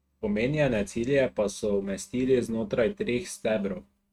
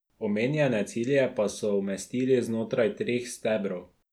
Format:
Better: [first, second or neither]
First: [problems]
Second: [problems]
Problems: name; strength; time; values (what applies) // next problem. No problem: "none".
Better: second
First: noise reduction (neural mask model RNNoise)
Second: none